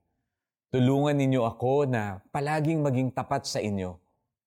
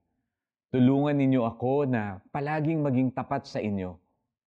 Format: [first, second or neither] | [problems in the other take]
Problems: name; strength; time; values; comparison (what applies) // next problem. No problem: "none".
first | muffled; slightly; fading above 2.5 kHz